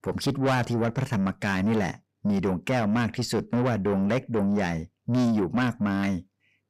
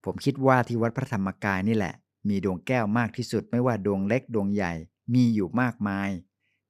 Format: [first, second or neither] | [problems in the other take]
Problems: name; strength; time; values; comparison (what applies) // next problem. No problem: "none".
second | distortion; heavy; 7 dB below the speech